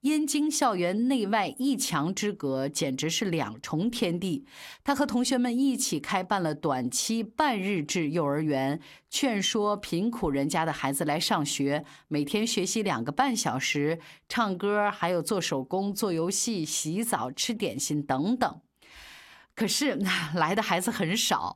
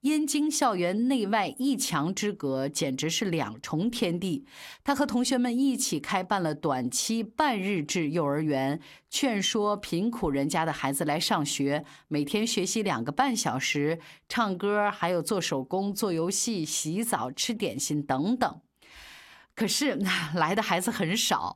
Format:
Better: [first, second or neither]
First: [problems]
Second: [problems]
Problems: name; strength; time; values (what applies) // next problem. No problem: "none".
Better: neither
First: none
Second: none